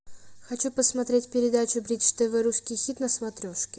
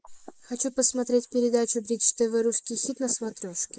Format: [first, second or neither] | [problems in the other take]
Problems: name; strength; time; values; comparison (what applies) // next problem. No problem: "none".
first | noise reduction (neural mask model Resemble Enhance denoiser)